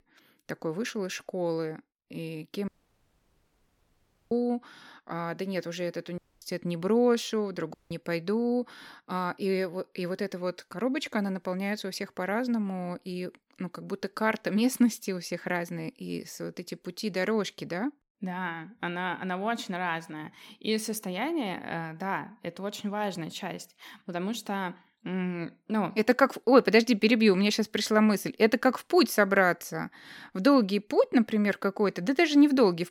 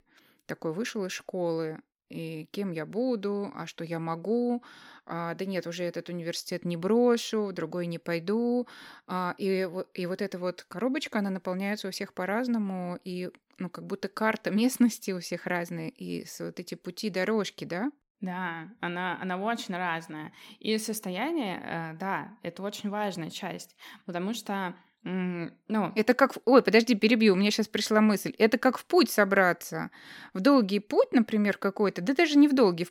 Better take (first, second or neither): second